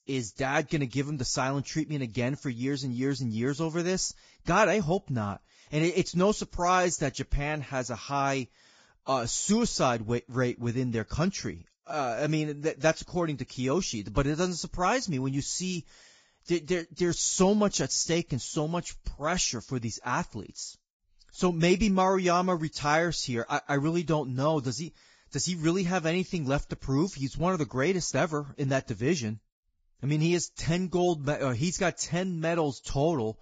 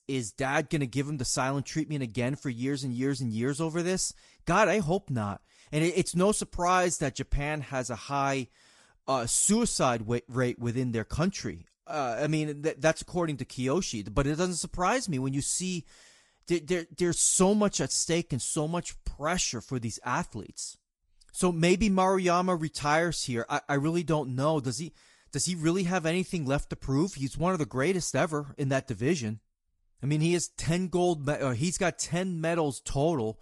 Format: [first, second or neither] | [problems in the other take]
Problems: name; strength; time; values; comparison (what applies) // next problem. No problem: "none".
second | garbled, watery; badly; nothing above 7.5 kHz; slightly in the second